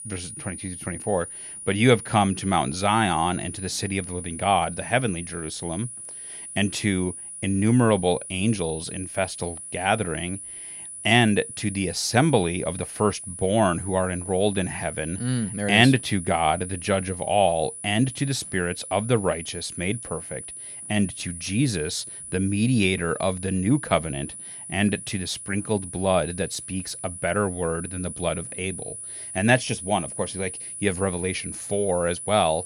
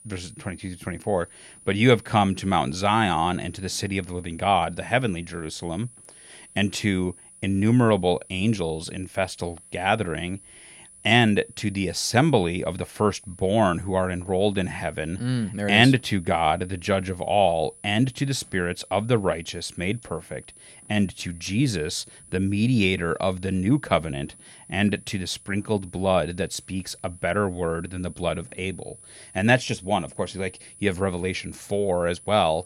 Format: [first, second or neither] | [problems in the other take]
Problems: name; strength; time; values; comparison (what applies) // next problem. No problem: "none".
second | high-pitched whine; loud; throughout; 10 kHz, 10 dB below the speech; faint in the second